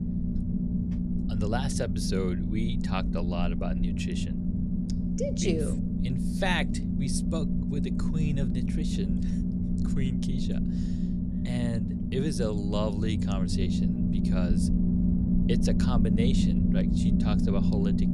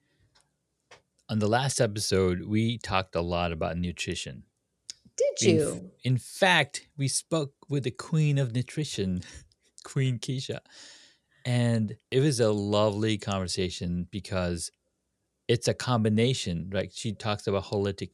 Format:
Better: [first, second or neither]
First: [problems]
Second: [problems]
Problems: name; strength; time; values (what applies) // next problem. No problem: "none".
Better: second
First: low rumble; loud; throughout; as loud as the speech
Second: none